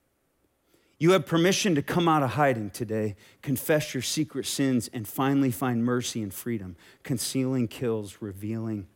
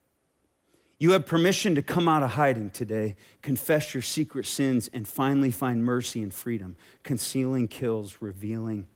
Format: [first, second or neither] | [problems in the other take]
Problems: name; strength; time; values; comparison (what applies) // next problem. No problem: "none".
first | garbled, watery; slightly; nothing above 16.5 kHz